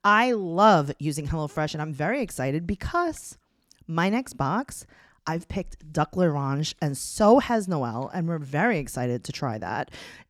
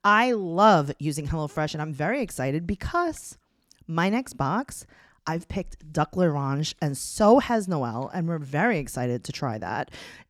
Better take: neither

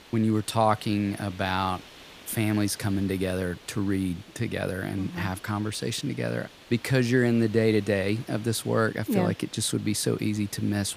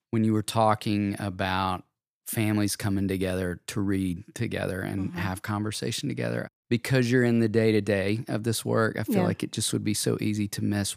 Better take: second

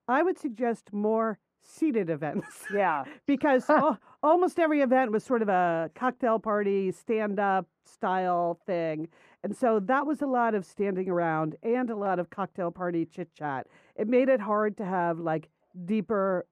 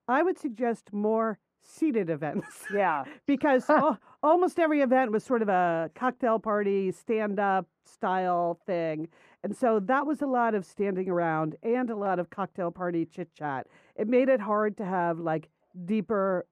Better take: neither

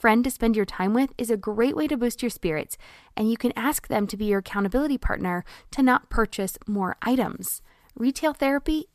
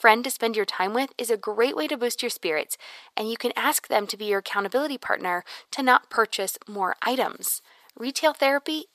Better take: first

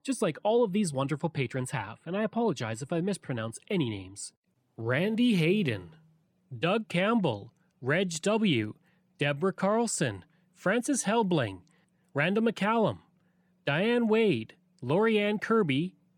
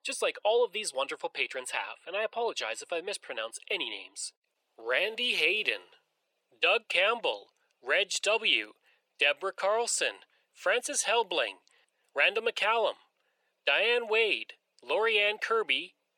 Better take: first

